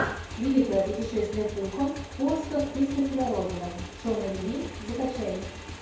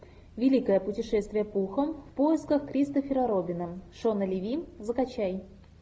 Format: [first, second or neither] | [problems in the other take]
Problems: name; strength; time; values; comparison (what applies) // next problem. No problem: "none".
second | background sound (Motorcycle / Engine); 11 dB below the speech // room echo; dies away in 0.5 s